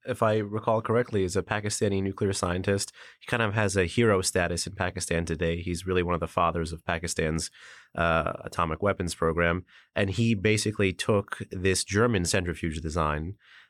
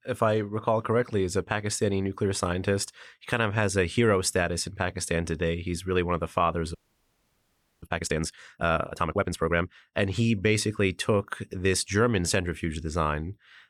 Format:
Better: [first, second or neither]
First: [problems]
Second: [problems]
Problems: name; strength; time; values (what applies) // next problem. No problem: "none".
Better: first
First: none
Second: audio freezing; at 7 s for 1 s